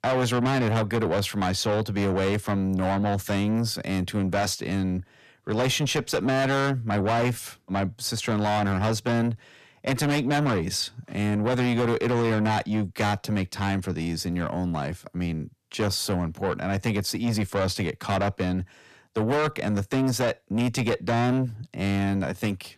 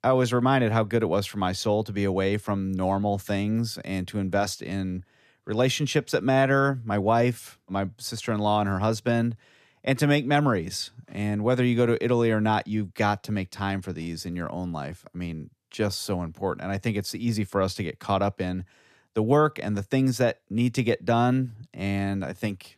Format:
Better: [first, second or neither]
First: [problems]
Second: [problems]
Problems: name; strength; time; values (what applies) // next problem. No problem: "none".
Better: second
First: distortion; heavy; 7 dB below the speech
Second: none